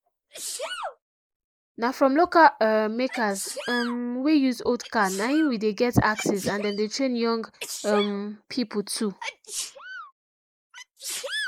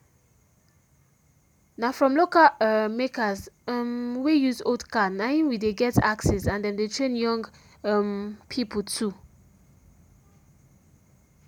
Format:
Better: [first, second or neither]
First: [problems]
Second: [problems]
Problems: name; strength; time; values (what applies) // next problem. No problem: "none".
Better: second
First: noise reduction (neural mask model Resemble Enhance denoiser)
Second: none